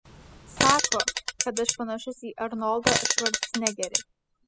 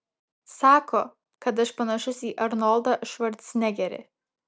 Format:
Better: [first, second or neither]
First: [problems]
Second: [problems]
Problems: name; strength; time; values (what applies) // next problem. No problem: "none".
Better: second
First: noise reduction (classical method spectral subtraction)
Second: none